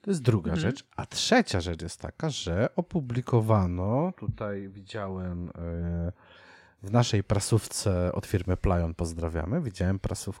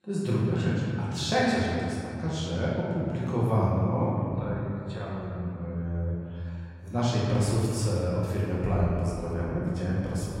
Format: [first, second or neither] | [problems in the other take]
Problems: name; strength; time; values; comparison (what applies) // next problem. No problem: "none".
first | room echo; strong; dies away in 2.5 s // off-mic speech; far